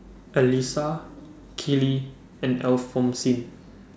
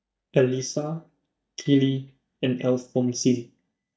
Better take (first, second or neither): first